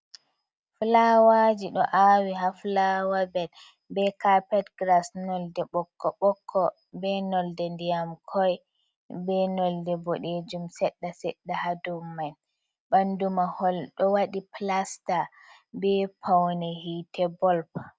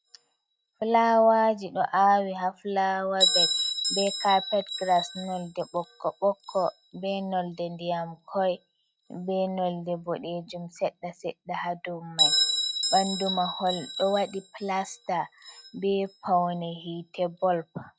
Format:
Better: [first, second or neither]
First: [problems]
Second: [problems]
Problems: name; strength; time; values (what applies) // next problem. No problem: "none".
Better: first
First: none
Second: noise reduction (classical method log-MMSE)